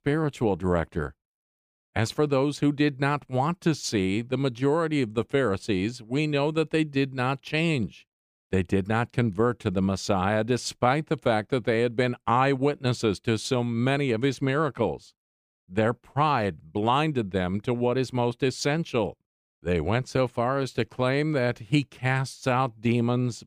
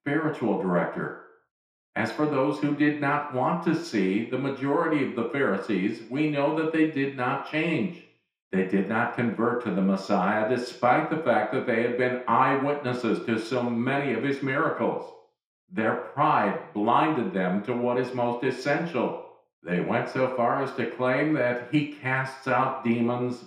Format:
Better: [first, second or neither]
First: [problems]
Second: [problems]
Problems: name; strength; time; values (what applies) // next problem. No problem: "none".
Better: first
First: none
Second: room echo; slight; dies away in 0.6 s // off-mic speech; somewhat distant